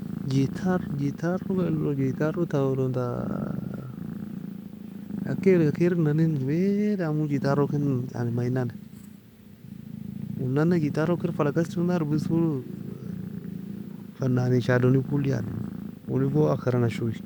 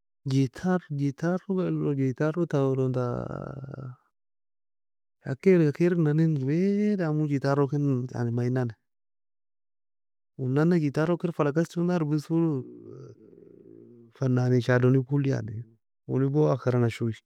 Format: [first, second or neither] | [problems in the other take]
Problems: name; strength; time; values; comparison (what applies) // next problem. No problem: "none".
second | background sound (Purr); 8 dB below the speech